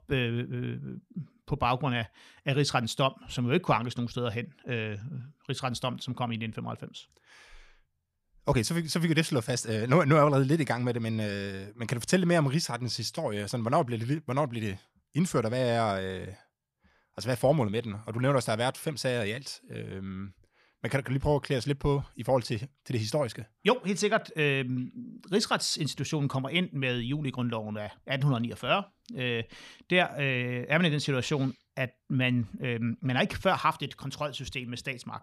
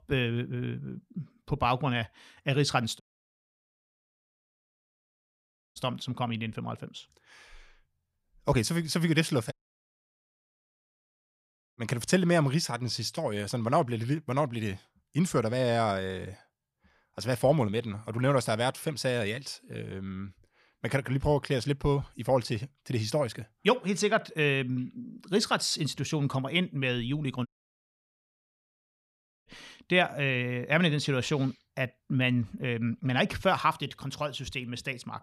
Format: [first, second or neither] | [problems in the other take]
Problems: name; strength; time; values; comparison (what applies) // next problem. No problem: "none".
first | audio cutting out; at 3 s for 3 s, at 9.5 s for 2.5 s and at 27 s for 2 s